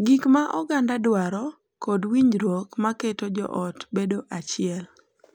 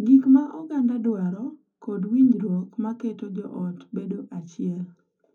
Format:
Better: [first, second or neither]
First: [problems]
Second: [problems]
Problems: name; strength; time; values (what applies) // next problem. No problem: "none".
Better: first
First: none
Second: room echo; dies away in 0.3 s